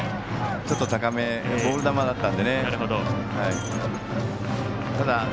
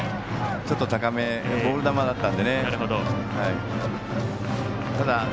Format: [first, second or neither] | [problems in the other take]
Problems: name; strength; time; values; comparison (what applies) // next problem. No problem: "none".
second | background sound (Shatter); 19 dB below the speech